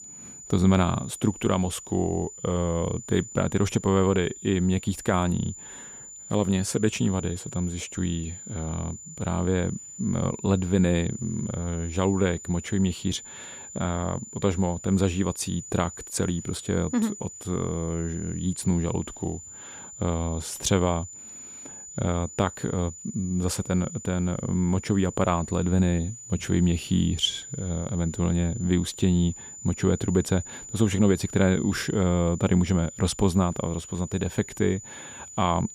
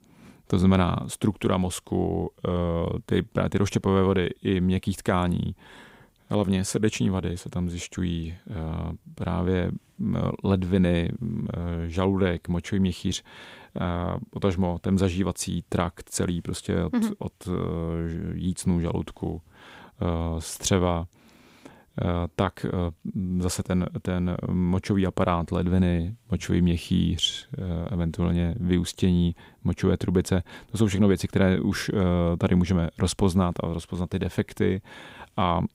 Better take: second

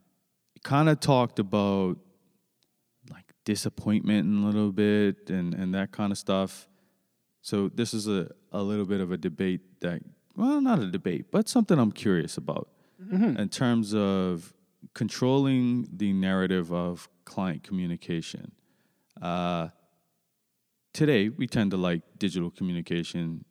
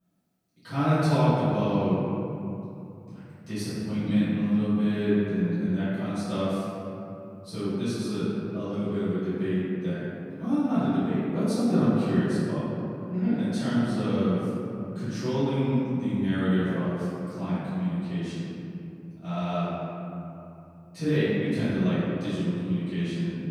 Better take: first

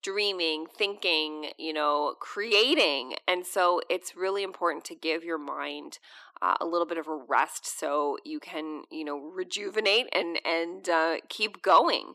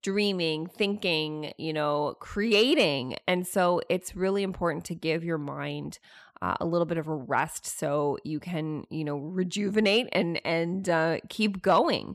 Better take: second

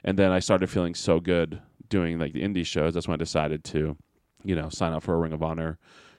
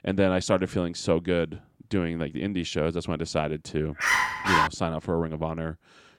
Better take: first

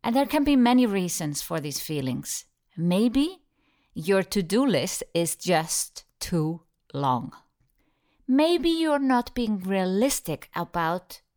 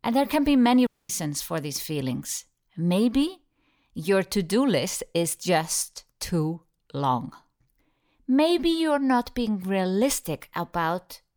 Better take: first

